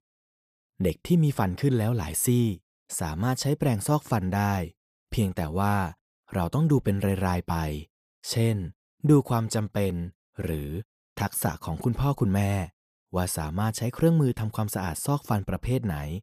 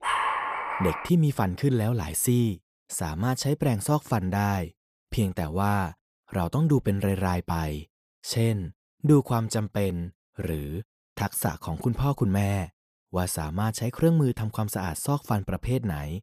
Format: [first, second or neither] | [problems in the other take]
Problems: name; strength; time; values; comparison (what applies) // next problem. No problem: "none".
first | dog barking; loud; until 1 s; peak 1 dB above the speech